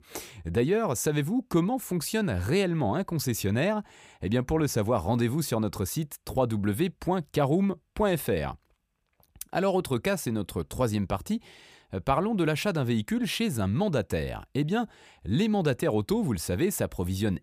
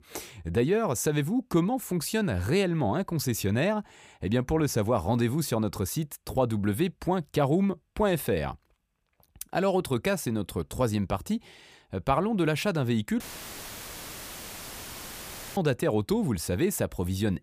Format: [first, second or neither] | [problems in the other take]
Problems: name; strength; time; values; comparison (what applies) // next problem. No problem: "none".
first | audio cutting out; filled with static; at 13 s for 2.5 s